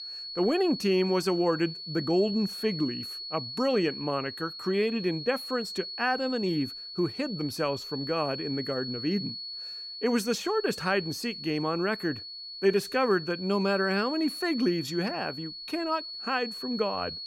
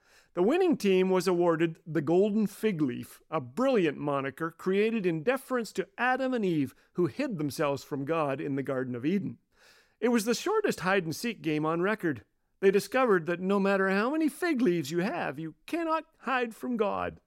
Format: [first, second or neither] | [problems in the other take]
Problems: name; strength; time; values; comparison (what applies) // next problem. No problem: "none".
second | high-pitched whine; loud; throughout; 4.5 kHz, 8 dB below the speech